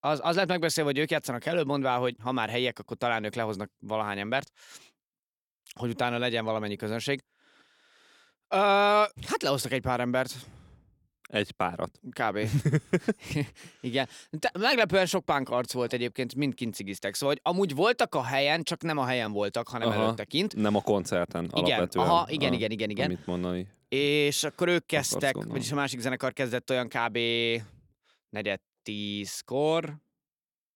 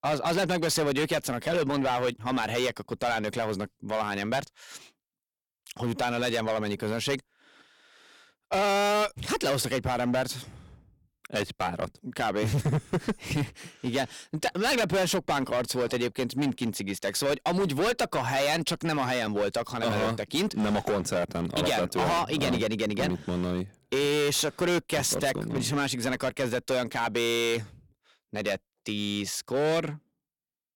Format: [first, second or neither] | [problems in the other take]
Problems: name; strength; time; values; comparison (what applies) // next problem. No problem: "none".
first | distortion; heavy; 13% of the sound clipped